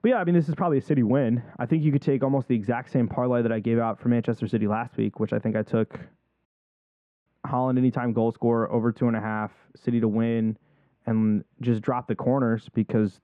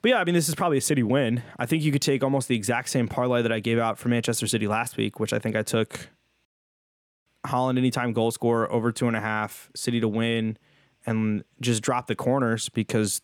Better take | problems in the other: second | muffled; very; fading above 1.5 kHz

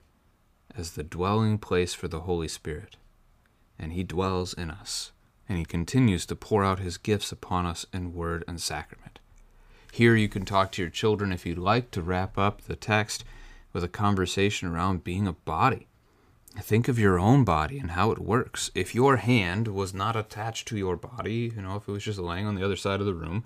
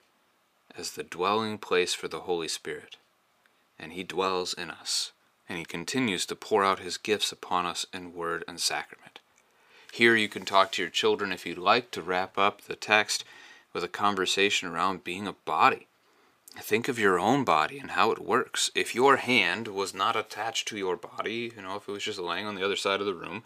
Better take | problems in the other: first | thin; somewhat; fading below 350 Hz

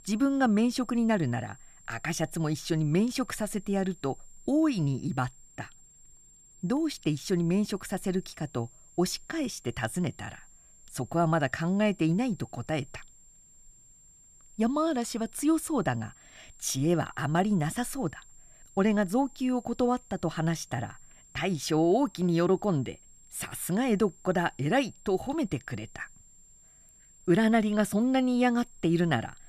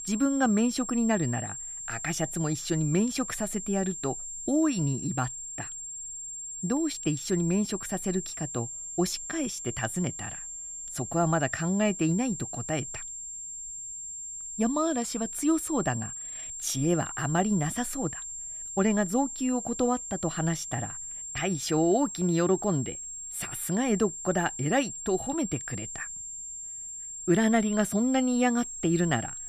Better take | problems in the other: first | high-pitched whine; loud; throughout; 7.5 kHz, 7 dB below the speech; faint in the first

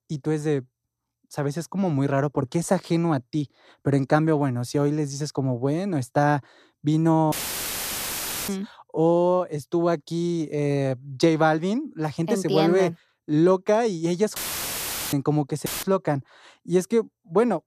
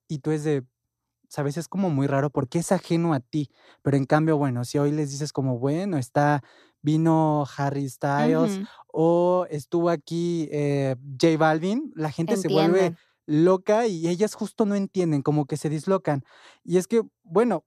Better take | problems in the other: second | audio cutting out; filled with static; at 7.5 s for 1 s, at 14 s for 1 s and at 16 s

